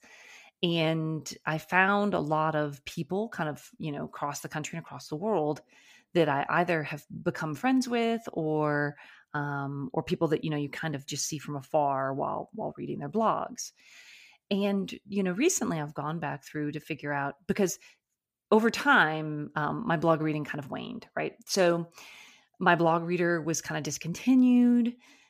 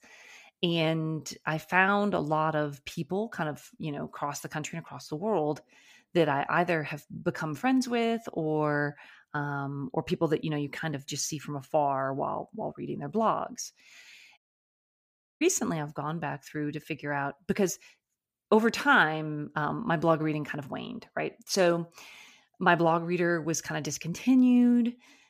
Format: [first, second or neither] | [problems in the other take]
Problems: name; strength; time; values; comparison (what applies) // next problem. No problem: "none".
first | audio cutting out; at 14 s for 1 s